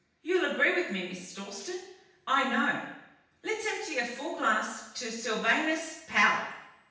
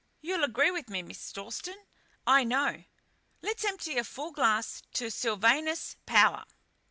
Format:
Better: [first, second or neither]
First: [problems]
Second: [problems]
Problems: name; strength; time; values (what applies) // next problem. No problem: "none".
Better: second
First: room echo; dies away in 0.9 s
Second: none